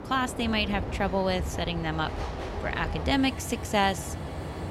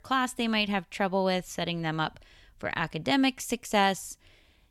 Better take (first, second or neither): second